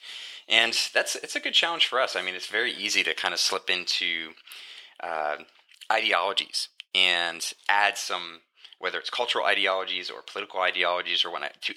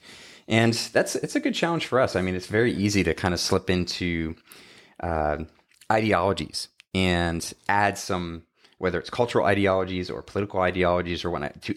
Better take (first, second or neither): second